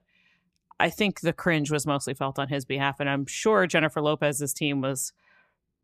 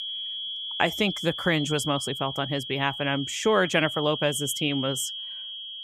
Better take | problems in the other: first | high-pitched whine; loud; throughout; 3.5 kHz, 6 dB below the speech

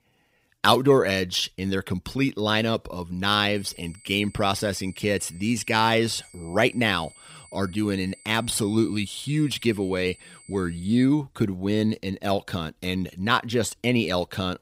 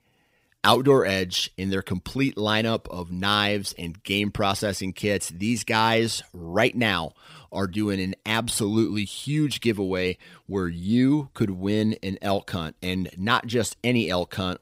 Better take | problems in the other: second | high-pitched whine; faint; from 3.5 to 11 s; 8 kHz, 25 dB below the speech

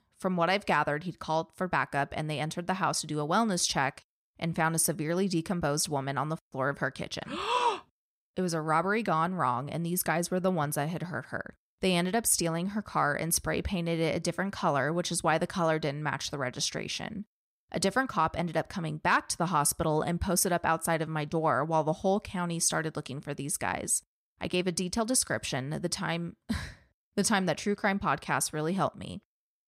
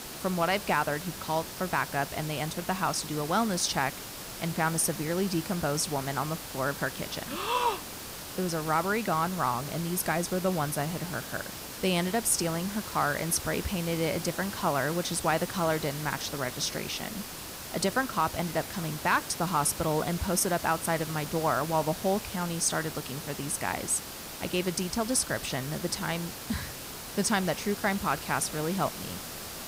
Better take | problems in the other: first | hiss; loud; throughout; 8 dB below the speech

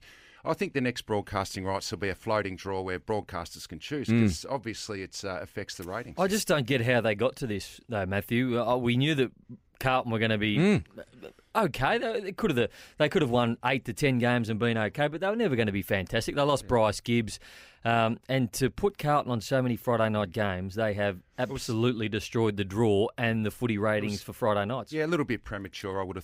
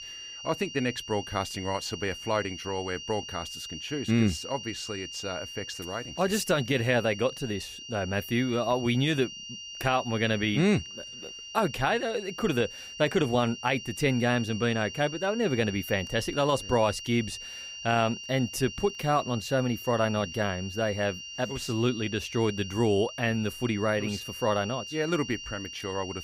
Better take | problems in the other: first | high-pitched whine; noticeable; throughout; 3 kHz, 10 dB below the speech

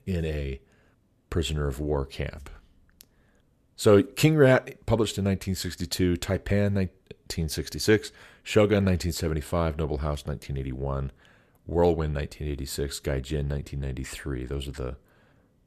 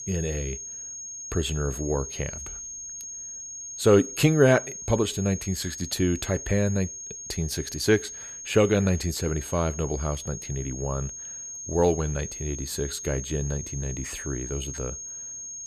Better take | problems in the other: first | high-pitched whine; loud; throughout; 6.5 kHz, 9 dB below the speech

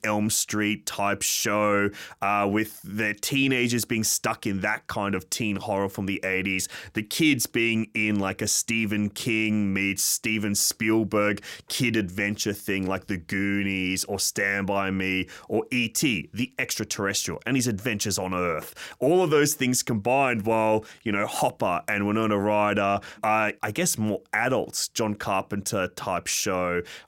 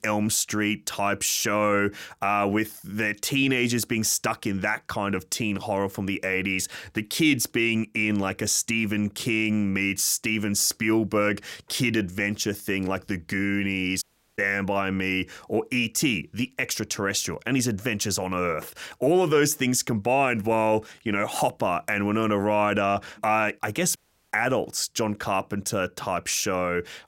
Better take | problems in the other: first | audio cutting out; at 14 s and at 24 s

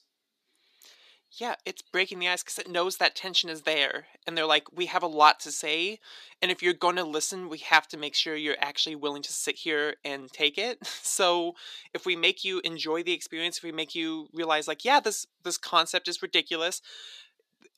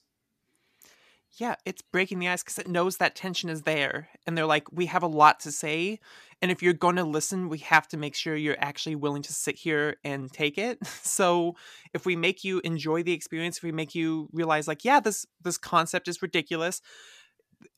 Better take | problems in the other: second | thin; somewhat; fading below 400 Hz

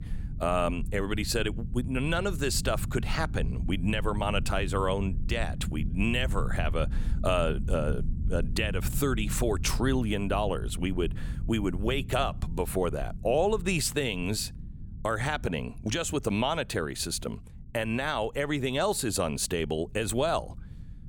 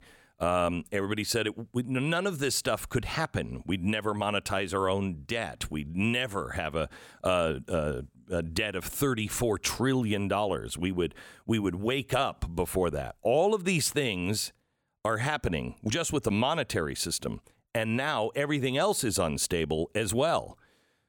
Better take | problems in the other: second | low rumble; noticeable; throughout; 20 dB below the speech

